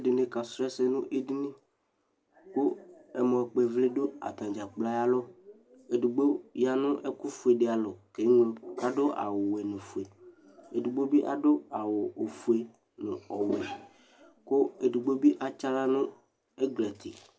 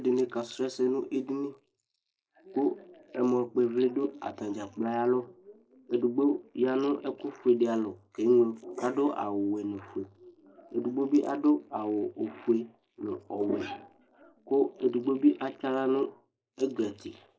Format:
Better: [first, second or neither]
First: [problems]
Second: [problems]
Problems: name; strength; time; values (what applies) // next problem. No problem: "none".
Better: first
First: none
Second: noise reduction (neural mask model Resemble Enhance denoiser)